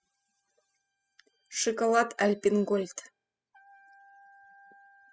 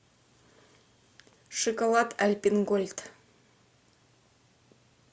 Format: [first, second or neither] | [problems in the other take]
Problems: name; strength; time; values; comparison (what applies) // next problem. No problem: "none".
second | noise reduction (classical method spectral subtraction)